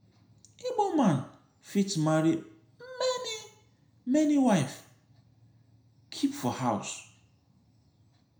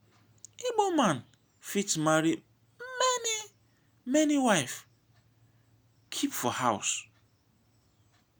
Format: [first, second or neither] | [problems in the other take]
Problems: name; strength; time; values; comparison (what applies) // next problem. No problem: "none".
second | room echo; dies away in 0.4 s